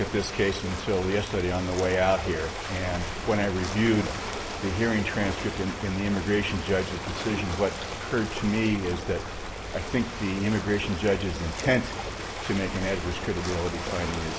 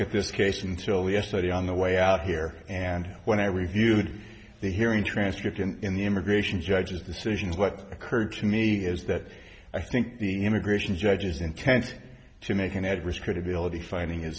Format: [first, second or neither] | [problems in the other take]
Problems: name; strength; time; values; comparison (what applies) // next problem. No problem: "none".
second | background sound (Ocean); 6 dB below the speech